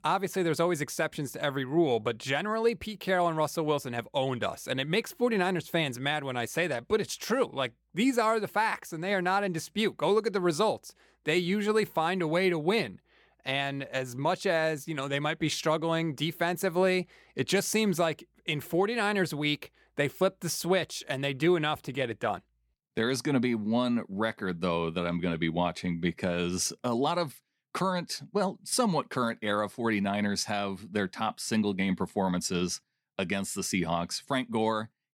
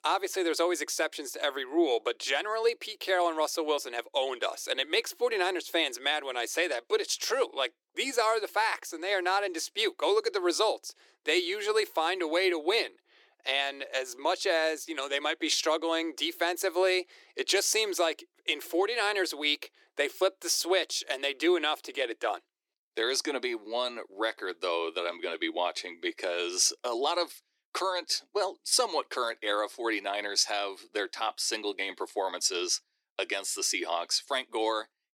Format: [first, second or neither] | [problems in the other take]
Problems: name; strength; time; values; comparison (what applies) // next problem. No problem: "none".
first | thin; very; fading below 300 Hz